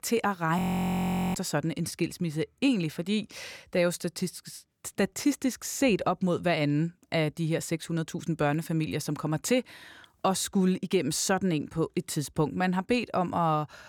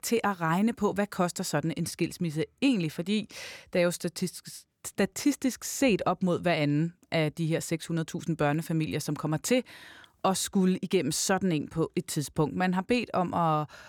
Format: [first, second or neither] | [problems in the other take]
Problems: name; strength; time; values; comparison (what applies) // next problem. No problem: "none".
second | audio freezing; at 0.5 s for 1 s